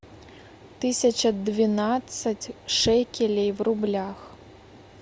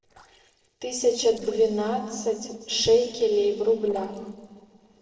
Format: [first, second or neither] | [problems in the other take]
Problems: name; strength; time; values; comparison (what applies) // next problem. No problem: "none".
first | noise reduction (neural separator model SepFormer DNS4)